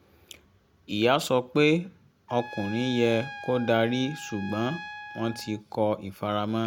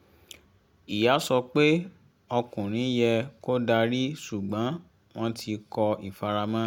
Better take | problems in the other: second | background sound (Trumpet); 14 dB below the speech

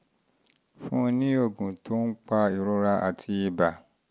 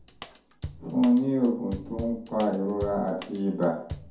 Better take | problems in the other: first | background sound (Drum / Drum kit); 15 dB below the speech // room echo; dies away in 0.6 s

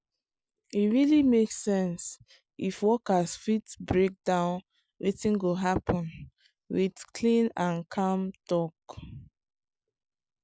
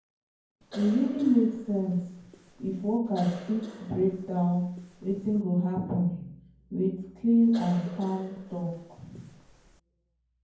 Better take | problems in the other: first | background sound (Cough); 19 dB below the speech // room echo; dies away in 0.9 s

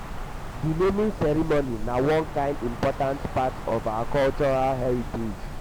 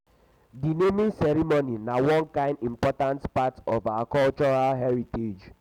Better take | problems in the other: second | background sound (Wind); 7 dB below the speech

